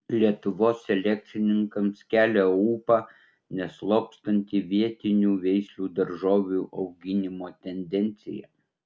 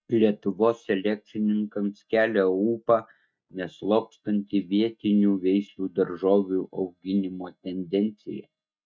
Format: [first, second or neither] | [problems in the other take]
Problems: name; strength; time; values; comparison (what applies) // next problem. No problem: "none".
first | noise reduction (neural mask model DeepFilterNet 3)